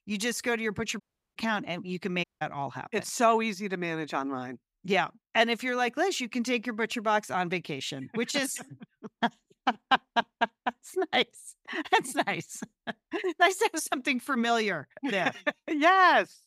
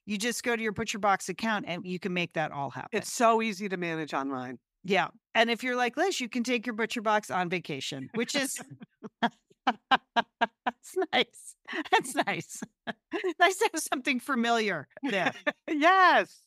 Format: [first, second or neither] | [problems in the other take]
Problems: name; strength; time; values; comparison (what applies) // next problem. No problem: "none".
second | audio cutting out; at 1 s and at 2 s